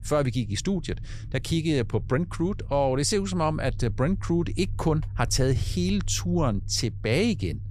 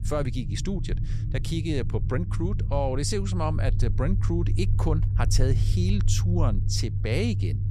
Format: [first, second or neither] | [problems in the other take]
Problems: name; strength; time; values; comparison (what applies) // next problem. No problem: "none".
first | low rumble; loud; throughout; 9 dB below the speech; faint in the first